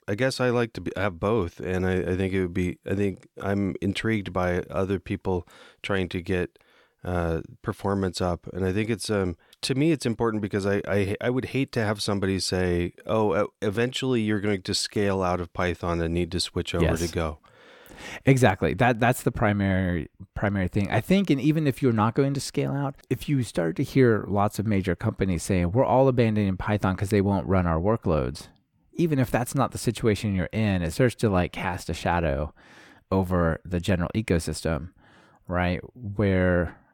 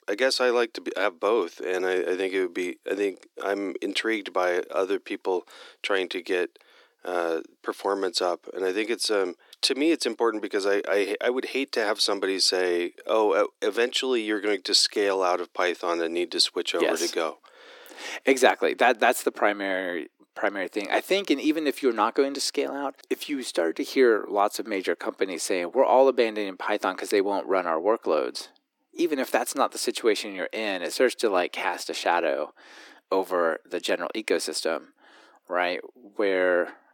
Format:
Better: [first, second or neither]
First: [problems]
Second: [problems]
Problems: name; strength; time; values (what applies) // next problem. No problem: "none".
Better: first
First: none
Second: thin; somewhat; fading below 300 Hz